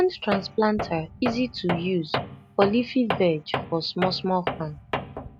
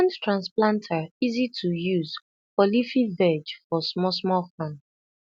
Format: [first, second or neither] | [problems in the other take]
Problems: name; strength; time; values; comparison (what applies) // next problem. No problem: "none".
second | background sound (Tools); 7 dB below the speech